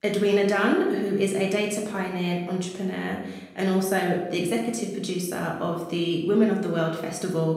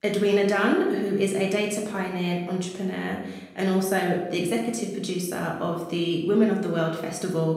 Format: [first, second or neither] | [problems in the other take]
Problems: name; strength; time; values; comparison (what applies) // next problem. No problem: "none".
neither | room echo; noticeable; dies away in 0.8 s; the same in both // off-mic speech; far; the same in both